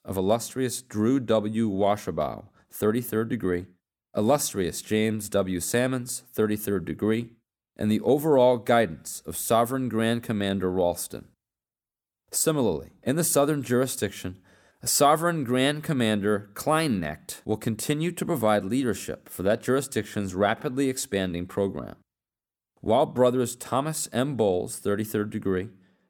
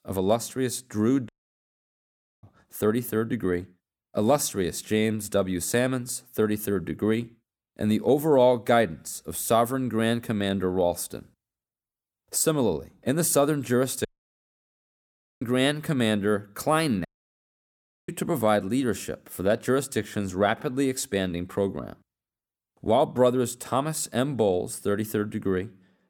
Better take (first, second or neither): first